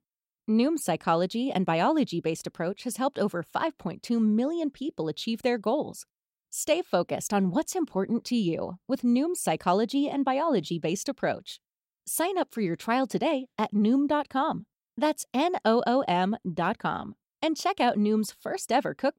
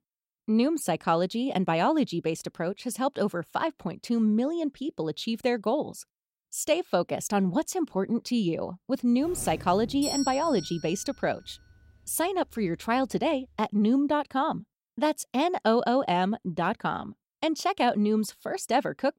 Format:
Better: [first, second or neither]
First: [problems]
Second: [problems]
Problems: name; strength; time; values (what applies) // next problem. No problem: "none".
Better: first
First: none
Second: doorbell; noticeable; from 9 to 12 s; peak 4 dB below the speech